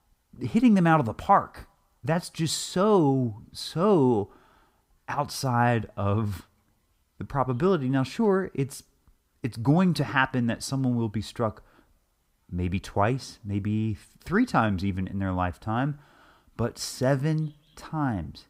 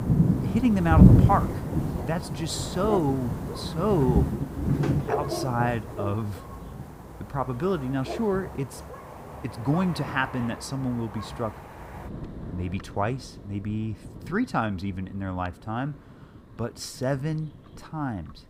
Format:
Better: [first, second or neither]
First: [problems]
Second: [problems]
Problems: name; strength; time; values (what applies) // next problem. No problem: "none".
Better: first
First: none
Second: rain or running water; very loud; throughout; 3 dB above the speech